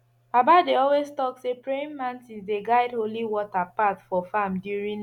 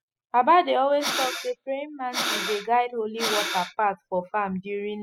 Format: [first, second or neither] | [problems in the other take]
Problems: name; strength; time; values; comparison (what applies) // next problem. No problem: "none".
first | noise reduction (classical method spectral subtraction)